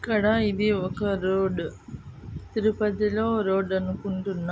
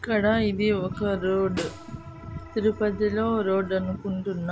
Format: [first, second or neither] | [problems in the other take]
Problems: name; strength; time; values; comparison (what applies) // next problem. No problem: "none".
first | background sound (Organ + Snare drum); 17 dB below the speech